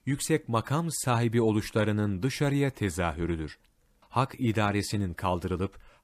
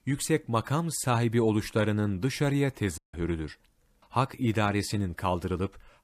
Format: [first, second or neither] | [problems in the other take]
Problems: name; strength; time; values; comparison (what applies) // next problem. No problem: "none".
first | audio cutting out; at 3 s